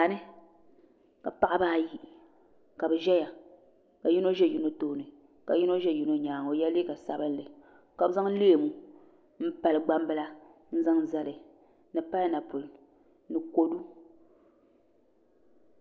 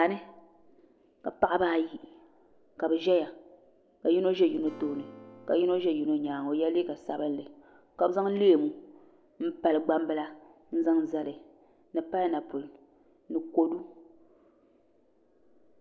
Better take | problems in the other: first | background sound (Acoustic guitar / Strum); 19 dB below the speech

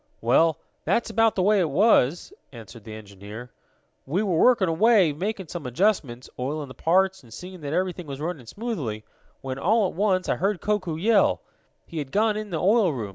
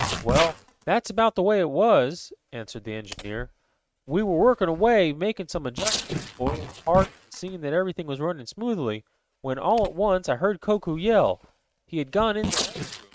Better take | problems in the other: first | noise reduction (neural mask model RNNoise)

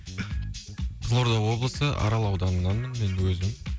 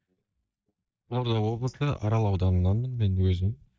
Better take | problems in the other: first | noise reduction (neural mask model DeepFilterNet 3)

